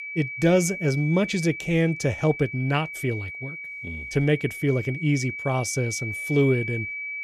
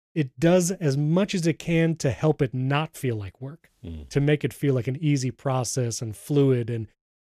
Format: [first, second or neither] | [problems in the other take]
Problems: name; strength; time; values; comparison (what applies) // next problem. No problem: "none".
second | high-pitched whine; loud; throughout; 2.5 kHz, 8 dB below the speech